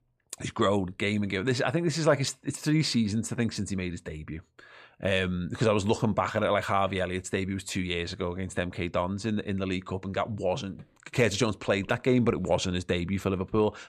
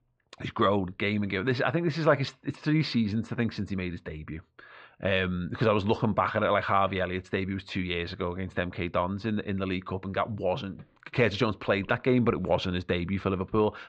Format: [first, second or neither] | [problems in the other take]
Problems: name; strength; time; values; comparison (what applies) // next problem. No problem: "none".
first | muffled; slightly; fading above 4 kHz